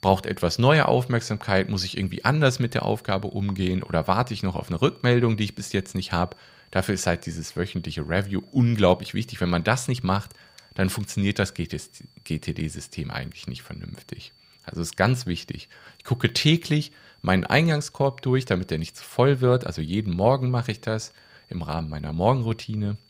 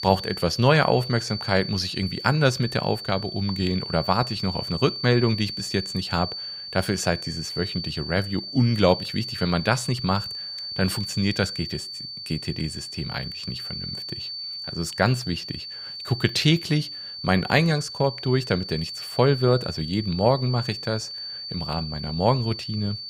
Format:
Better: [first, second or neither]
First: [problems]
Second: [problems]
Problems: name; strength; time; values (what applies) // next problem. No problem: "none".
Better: first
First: high-pitched whine; faint; throughout; 4.5 kHz, 30 dB below the speech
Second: high-pitched whine; loud; throughout; 4.5 kHz, 7 dB below the speech